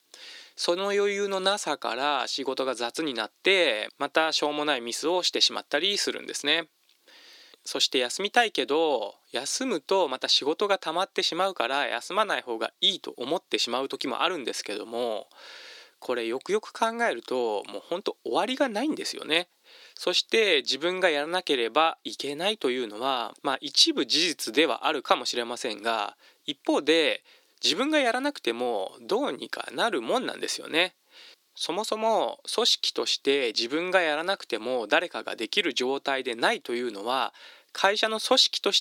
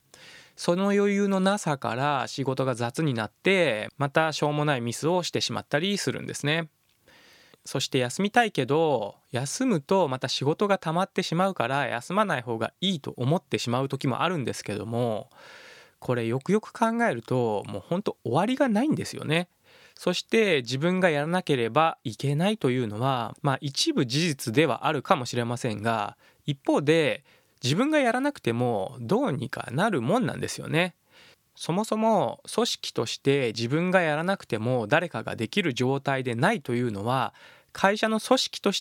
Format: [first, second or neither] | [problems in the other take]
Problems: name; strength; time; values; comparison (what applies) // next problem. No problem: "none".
second | thin; somewhat; fading below 300 Hz